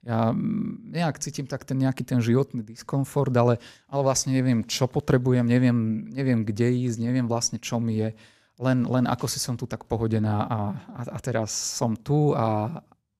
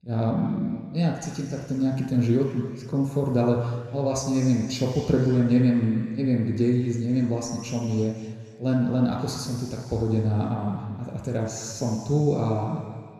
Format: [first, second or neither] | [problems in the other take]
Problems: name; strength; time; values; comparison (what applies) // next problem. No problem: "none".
first | room echo; noticeable; dies away in 2 s // off-mic speech; somewhat distant